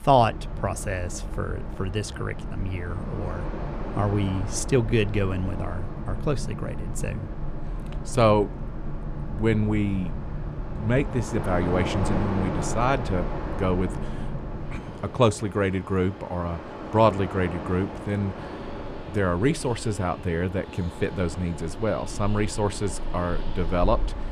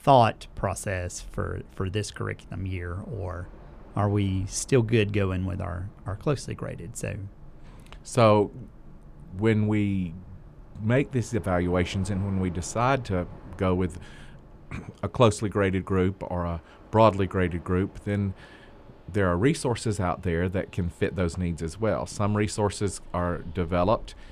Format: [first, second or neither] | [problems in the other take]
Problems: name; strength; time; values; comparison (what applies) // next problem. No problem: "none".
second | train or aircraft noise; loud; throughout; 8 dB below the speech; faint in the second